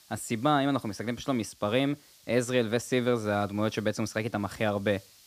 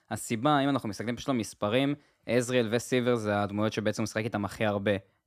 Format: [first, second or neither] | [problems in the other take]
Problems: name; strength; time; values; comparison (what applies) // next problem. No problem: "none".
second | hiss; faint; throughout; 25 dB below the speech